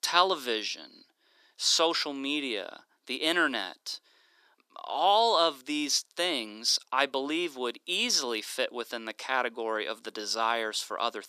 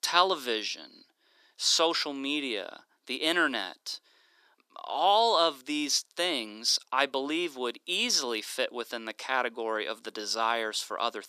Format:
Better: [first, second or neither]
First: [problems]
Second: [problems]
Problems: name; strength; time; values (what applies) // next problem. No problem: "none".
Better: neither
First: thin; somewhat; fading below 300 Hz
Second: thin; somewhat; fading below 300 Hz